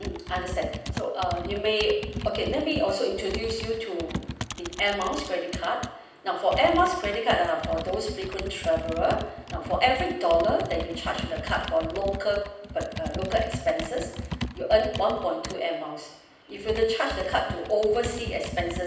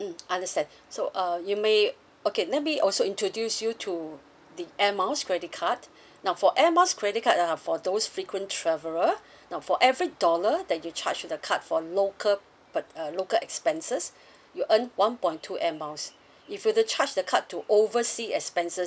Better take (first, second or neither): second